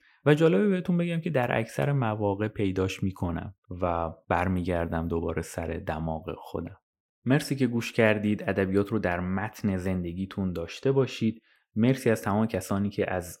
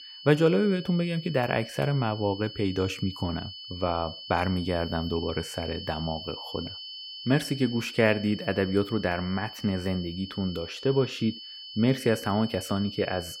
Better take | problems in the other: first | high-pitched whine; noticeable; throughout; 3 kHz, 10 dB below the speech

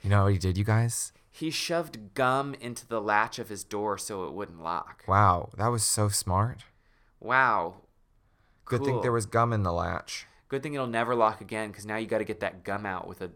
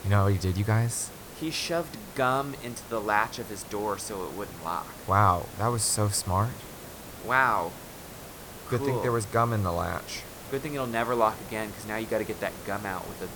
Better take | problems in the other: first | hiss; noticeable; throughout; 15 dB below the speech

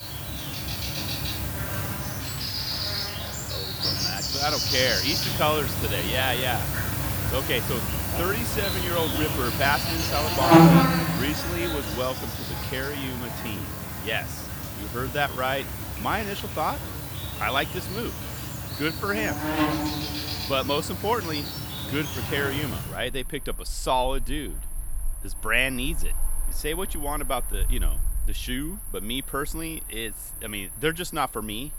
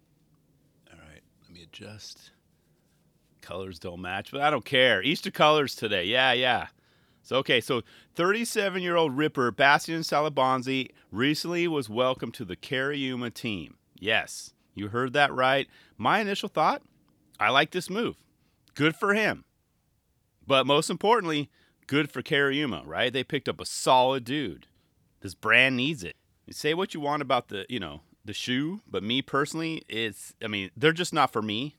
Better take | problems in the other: second | animal sounds; very loud; throughout; 2 dB above the speech

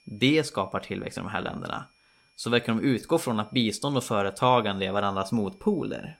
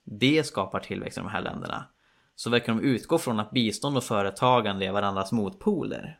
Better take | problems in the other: second | high-pitched whine; faint; throughout; 2.5 kHz, 35 dB below the speech

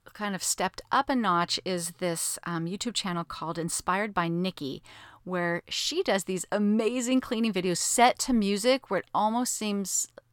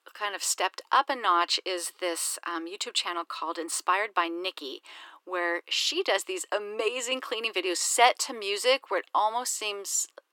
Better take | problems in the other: first | thin; very; fading below 300 Hz

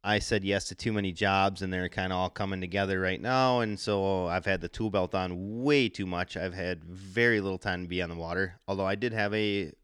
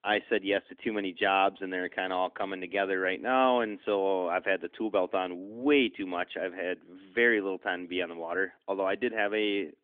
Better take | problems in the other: first | phone-call audio; nothing above 3.5 kHz

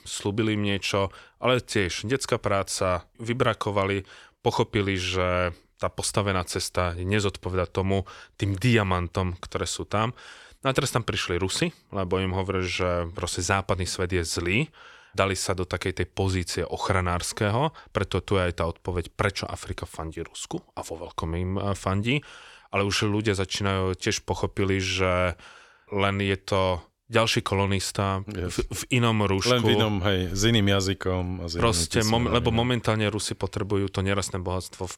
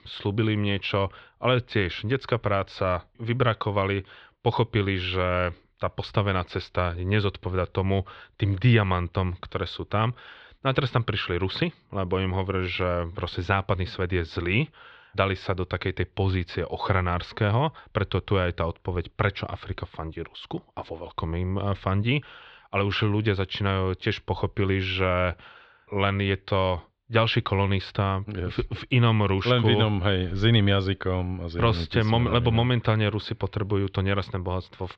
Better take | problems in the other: first | muffled; slightly; fading above 4 kHz

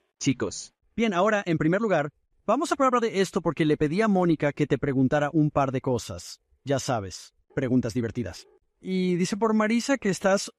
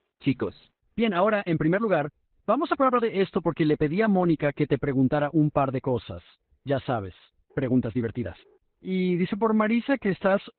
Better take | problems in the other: first | garbled, watery; badly; nothing above 4 kHz

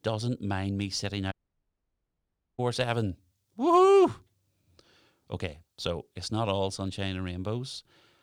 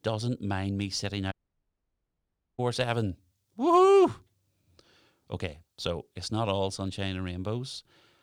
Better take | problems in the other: neither | audio cutting out; at 1.5 s for 1.5 s; the same in both

